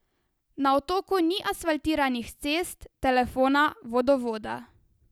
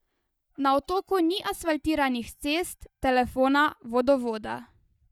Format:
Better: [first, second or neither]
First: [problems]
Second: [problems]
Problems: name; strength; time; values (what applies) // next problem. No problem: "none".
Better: first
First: none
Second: noise reduction (neural mask model DeepFilterNet 3)